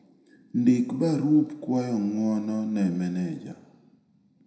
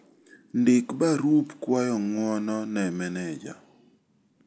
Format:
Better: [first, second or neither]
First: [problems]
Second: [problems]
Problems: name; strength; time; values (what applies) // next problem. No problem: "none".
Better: second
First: room echo; dies away in 0.8 s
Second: none